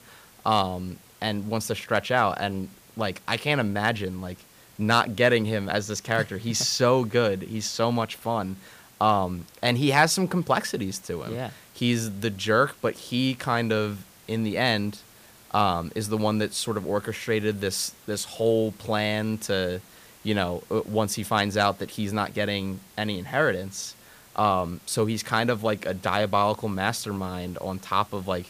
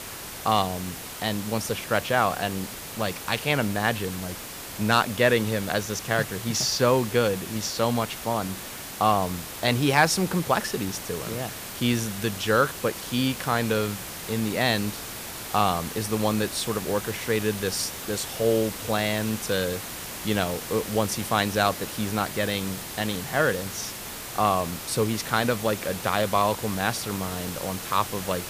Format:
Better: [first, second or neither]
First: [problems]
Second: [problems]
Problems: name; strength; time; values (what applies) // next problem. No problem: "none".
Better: first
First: hiss; faint; throughout; 25 dB below the speech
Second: hiss; loud; throughout; 9 dB below the speech